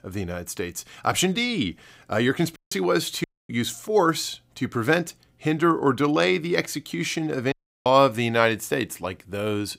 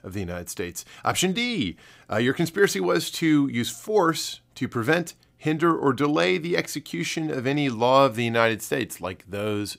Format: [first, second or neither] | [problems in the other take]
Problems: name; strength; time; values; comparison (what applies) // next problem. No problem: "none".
second | audio cutting out; at 2.5 s, at 3 s and at 7.5 s